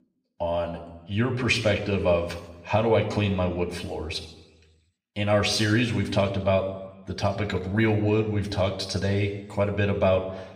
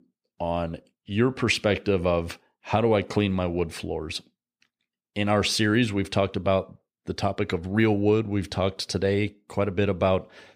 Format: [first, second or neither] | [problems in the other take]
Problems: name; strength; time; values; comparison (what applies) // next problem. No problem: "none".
second | room echo; slight; dies away in 0.8 s // off-mic speech; somewhat distant